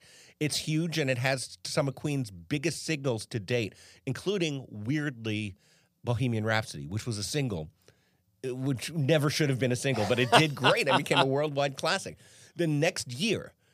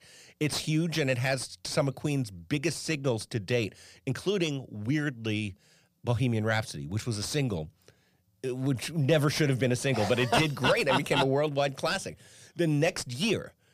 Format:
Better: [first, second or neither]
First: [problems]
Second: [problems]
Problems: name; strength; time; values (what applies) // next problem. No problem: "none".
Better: first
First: none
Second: distortion; slight; 10 dB below the speech